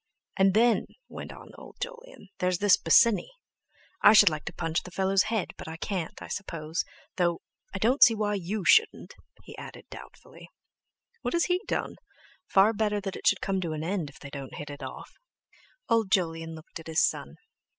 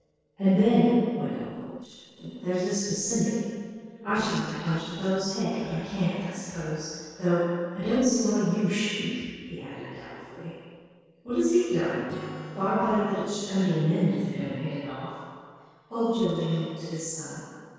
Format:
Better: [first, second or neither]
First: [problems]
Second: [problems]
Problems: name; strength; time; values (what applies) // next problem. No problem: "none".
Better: first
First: none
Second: noise reduction (neural separator model SepFormer DNS4)